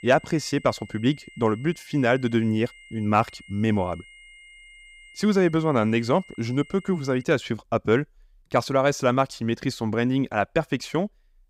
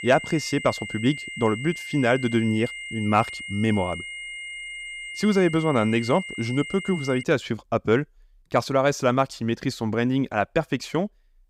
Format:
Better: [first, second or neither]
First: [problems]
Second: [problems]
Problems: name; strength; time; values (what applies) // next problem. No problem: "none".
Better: first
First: high-pitched whine; faint; until 7 s; 2 kHz, 20 dB below the speech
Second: high-pitched whine; loud; until 7 s; 2 kHz, 9 dB below the speech